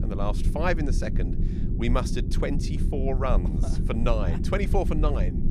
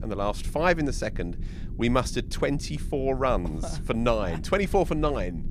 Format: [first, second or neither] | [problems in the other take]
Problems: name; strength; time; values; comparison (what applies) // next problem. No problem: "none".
second | low rumble; loud; throughout; 9 dB below the speech; faint in the second